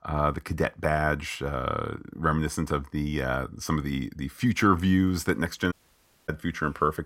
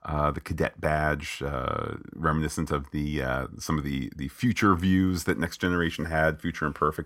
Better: second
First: audio cutting out; at 5.5 s for 0.5 s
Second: none

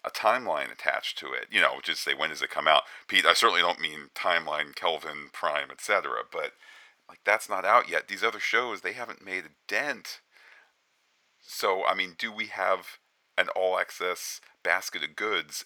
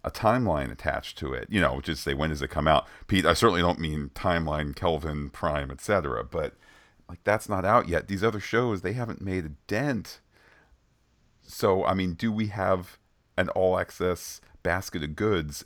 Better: second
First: thin; very; fading below 650 Hz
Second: none

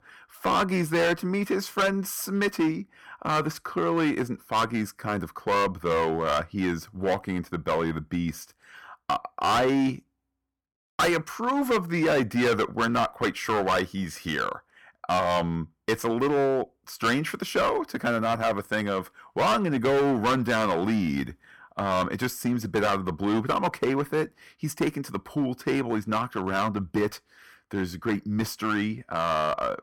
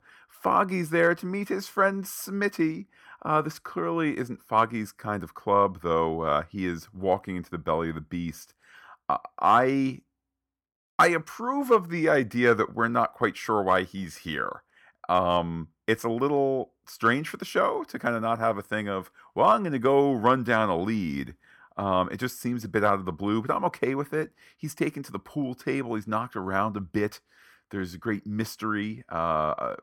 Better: second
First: distortion; heavy; 10% of the sound clipped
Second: none

